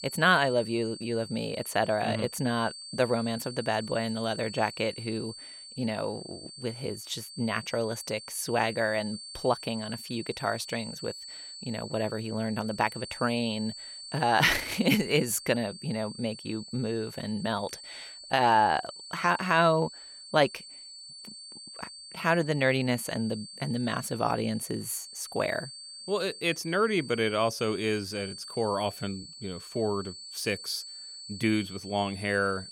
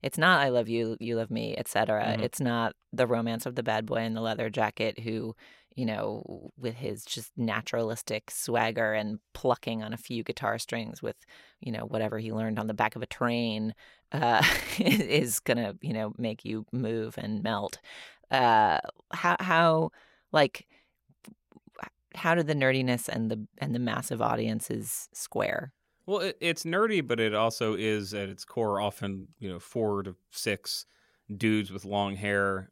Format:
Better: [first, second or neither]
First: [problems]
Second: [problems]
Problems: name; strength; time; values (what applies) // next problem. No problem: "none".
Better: second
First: high-pitched whine; noticeable; throughout; 4.5 kHz, 15 dB below the speech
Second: none